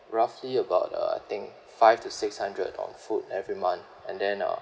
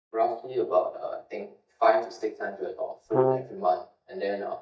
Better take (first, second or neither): first